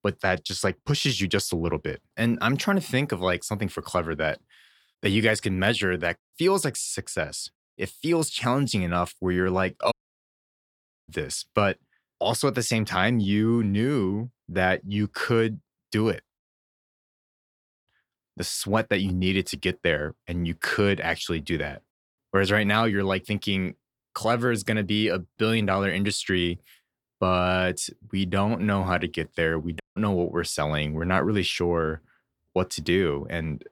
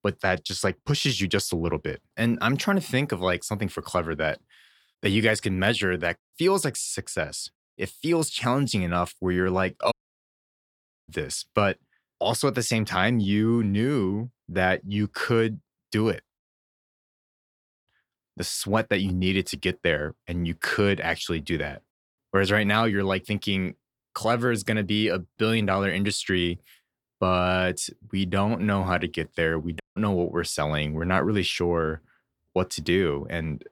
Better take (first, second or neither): neither